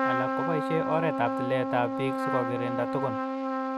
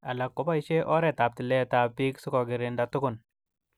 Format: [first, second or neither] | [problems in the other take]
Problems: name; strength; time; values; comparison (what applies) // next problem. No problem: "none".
second | background sound (Trumpet); 1 dB above the speech